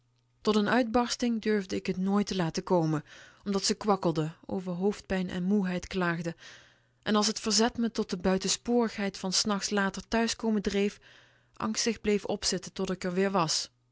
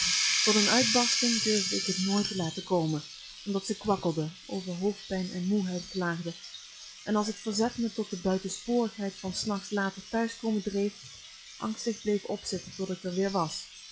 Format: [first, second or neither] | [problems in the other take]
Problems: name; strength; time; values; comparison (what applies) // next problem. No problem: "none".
first | noise reduction (classical method log-MMSE)